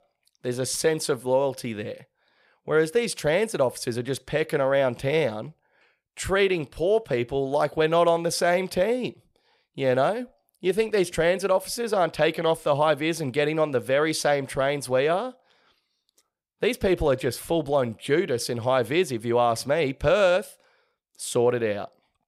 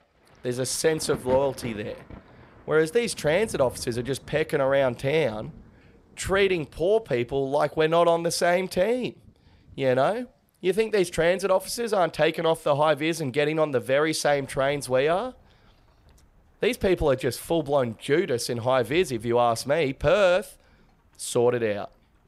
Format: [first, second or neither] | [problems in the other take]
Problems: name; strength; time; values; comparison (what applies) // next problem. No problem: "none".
first | rain or running water; faint; throughout; 20 dB below the speech